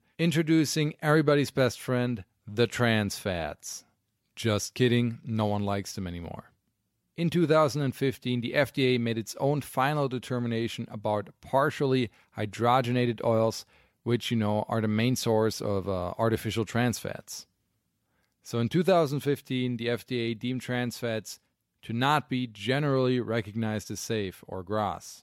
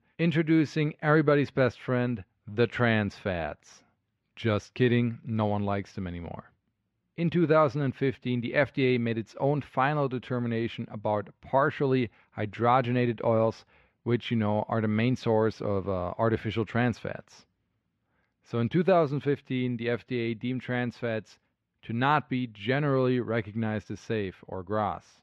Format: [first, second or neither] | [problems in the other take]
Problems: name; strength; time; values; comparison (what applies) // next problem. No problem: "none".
first | muffled; slightly; fading above 2.5 kHz